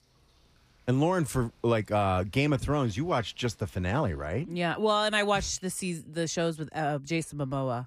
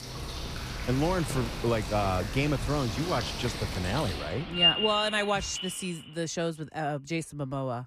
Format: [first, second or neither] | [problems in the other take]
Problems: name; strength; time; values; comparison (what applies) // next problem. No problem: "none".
first | animal sounds; loud; until 5 s; 1 dB below the speech; faint in the first